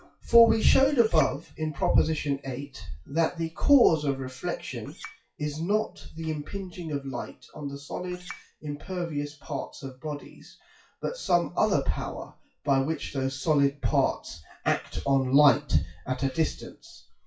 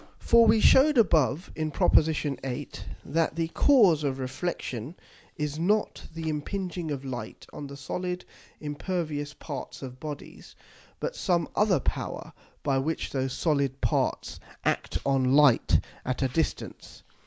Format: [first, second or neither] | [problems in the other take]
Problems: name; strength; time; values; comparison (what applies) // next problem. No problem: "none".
second | noise reduction (classical method WPE with log-MMSE)